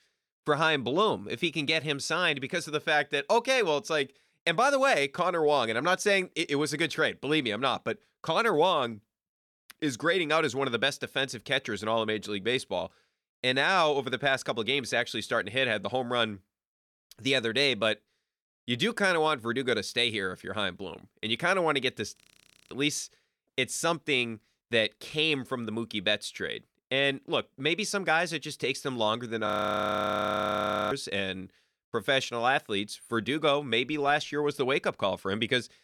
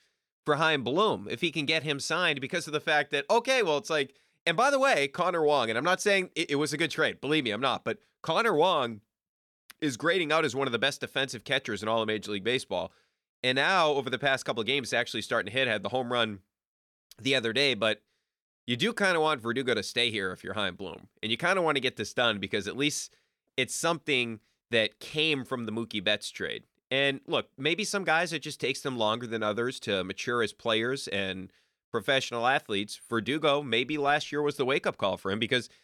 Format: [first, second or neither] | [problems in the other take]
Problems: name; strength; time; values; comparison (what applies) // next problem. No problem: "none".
second | audio freezing; at 22 s for 0.5 s and at 29 s for 1.5 s